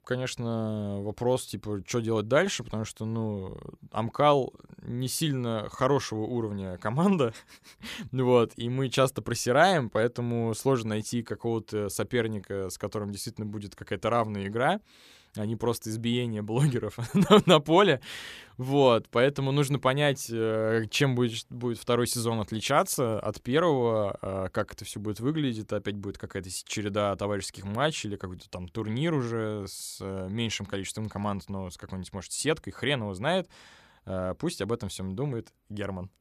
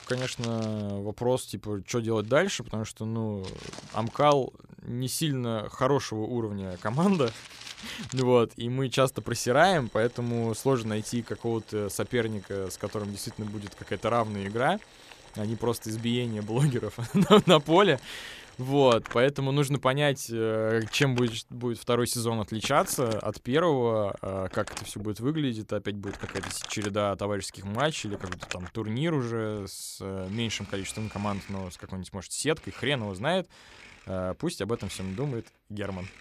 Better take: first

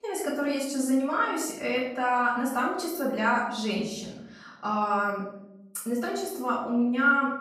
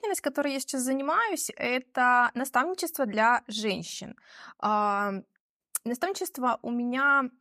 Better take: second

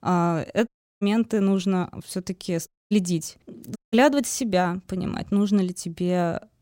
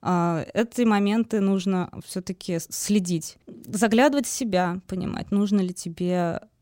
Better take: second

